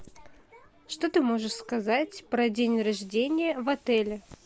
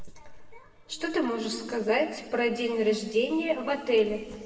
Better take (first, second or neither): first